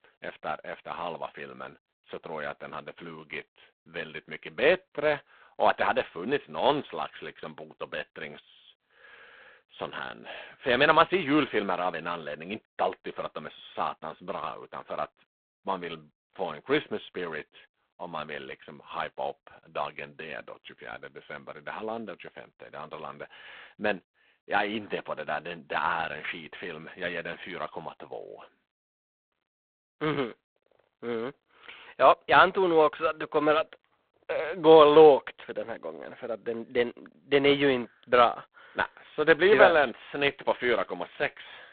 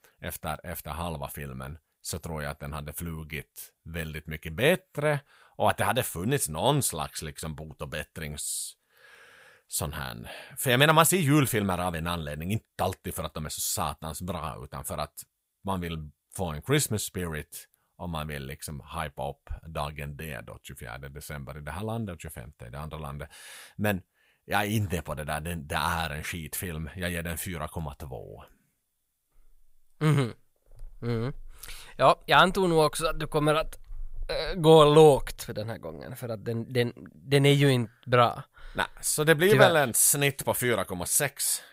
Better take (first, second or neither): second